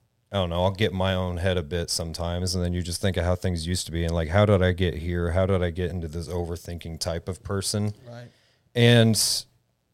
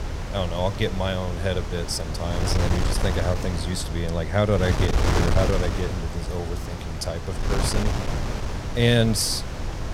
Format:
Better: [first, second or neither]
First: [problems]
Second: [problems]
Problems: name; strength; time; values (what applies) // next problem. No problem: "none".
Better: first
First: none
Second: wind noise on the microphone; heavy; 4 dB below the speech